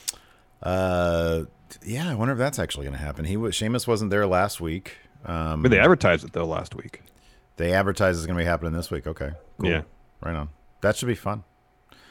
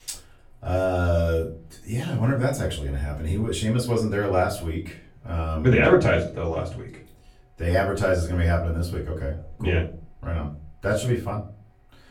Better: first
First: none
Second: off-mic speech; far // room echo; slight; dies away in 0.3 s

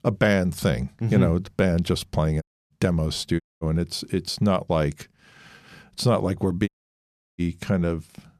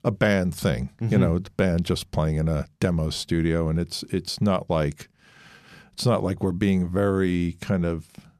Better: second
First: audio cutting out; at 2.5 s, at 3.5 s and at 6.5 s for 0.5 s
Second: none

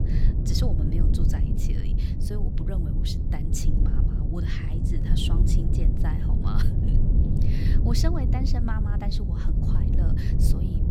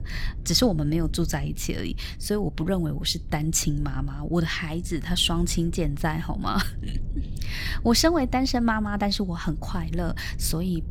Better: second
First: low rumble; loud; throughout; as loud as the speech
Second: low rumble; faint; throughout; 25 dB below the speech

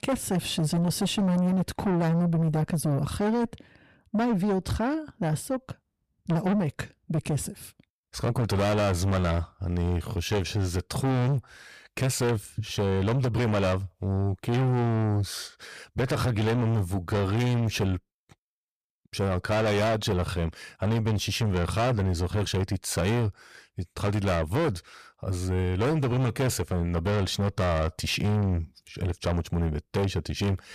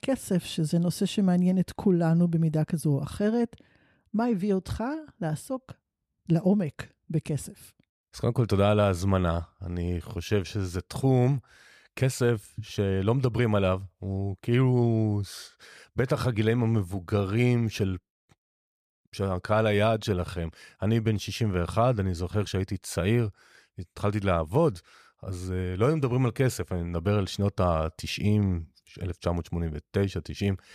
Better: second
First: distortion; heavy; 6 dB below the speech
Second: none

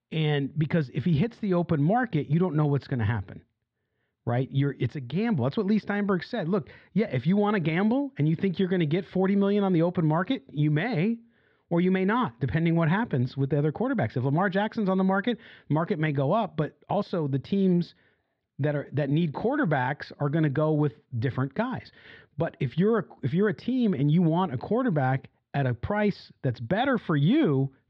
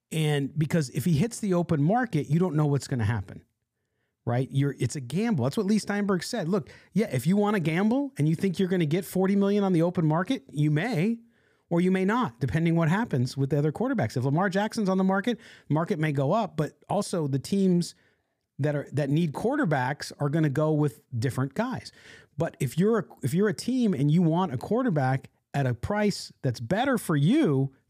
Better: second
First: muffled; slightly; fading above 4 kHz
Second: none

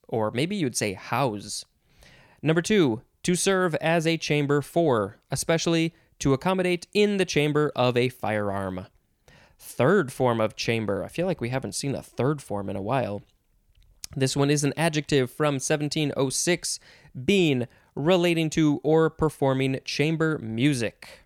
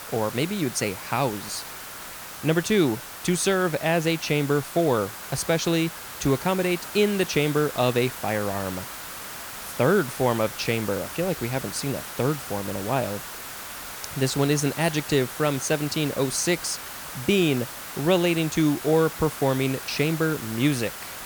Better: first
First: none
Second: hiss; noticeable; throughout; 10 dB below the speech

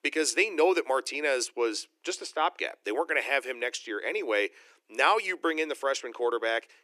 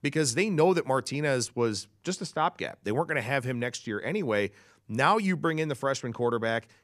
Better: second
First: thin; very; fading below 300 Hz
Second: none

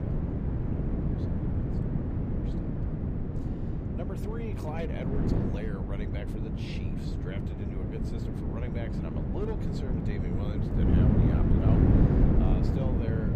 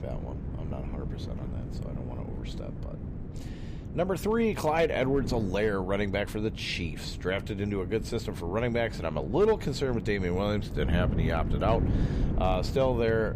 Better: second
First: wind noise on the microphone; heavy; 5 dB above the speech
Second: wind noise on the microphone; occasional gusts; 15 dB below the speech

